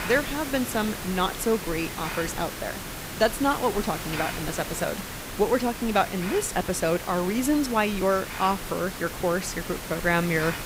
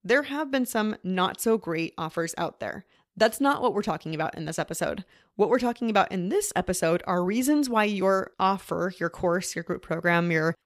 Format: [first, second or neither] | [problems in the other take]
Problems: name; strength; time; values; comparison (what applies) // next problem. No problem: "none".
second | hiss; loud; throughout; 7 dB below the speech